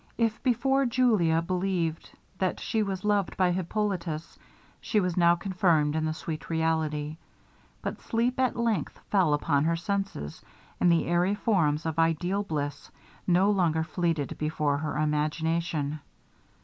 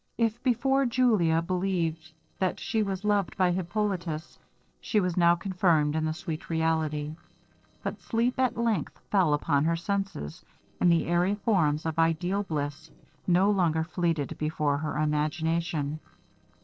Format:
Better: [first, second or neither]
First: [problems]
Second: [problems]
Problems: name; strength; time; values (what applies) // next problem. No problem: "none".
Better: first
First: none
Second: noise reduction (neural separator model SepFormer DNS4)